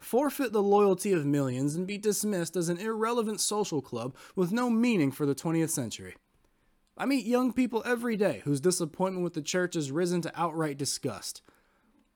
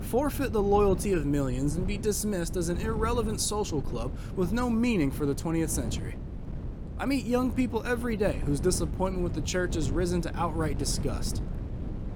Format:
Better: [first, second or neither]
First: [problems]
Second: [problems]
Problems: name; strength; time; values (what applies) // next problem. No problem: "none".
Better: first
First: none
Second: wind noise on the microphone; occasional gusts; 15 dB below the speech